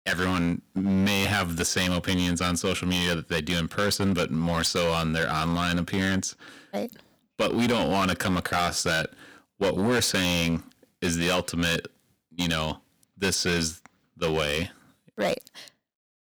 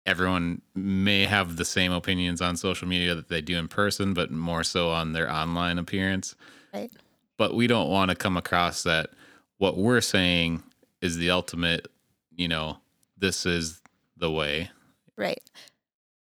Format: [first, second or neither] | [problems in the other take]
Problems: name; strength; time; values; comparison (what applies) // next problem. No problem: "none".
second | distortion; heavy; 10% of the sound clipped